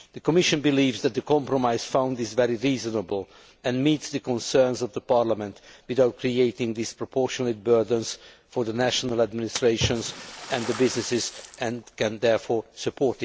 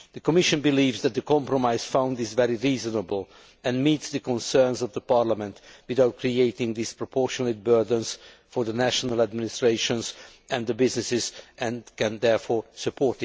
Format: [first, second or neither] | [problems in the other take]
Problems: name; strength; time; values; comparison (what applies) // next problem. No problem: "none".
second | background sound (Splash, splatter); 18 dB below the speech